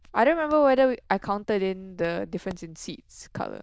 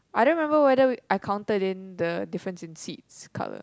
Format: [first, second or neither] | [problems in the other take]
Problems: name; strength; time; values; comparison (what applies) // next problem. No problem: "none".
second | noise reduction (neural diffusion model UNIVERSE++)